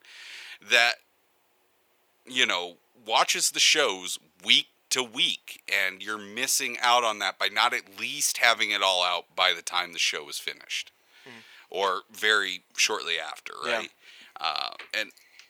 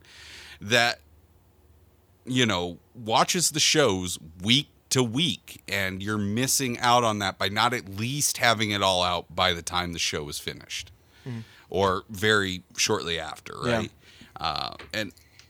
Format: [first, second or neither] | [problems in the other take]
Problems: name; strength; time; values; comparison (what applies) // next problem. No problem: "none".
second | thin; very; fading below 500 Hz